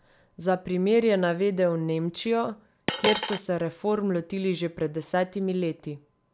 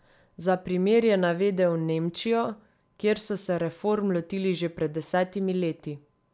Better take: second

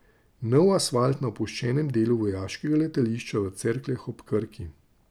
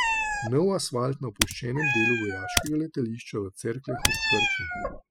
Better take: first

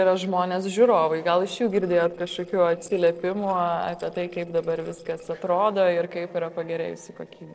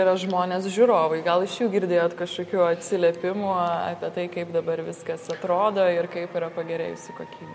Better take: second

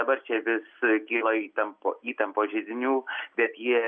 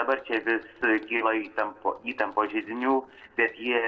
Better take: first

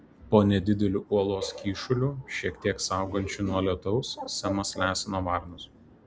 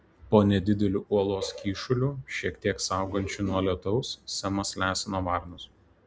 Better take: second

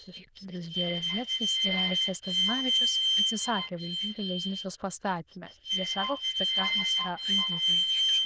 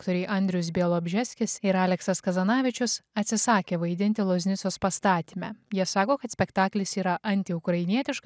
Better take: second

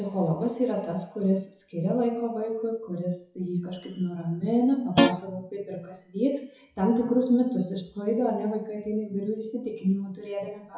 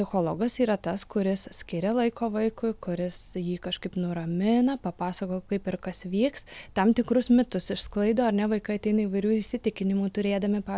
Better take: second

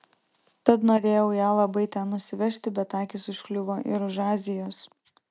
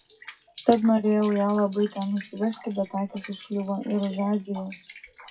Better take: first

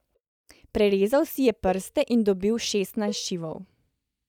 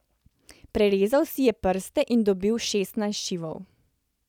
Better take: second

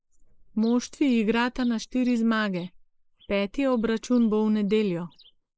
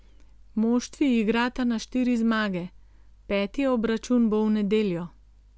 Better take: second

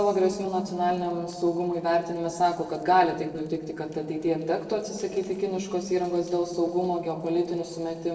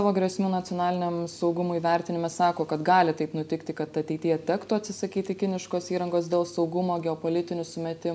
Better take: second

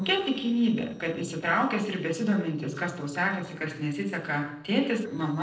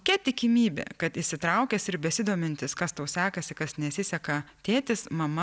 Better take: second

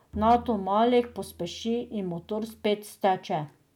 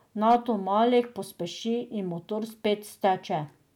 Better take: second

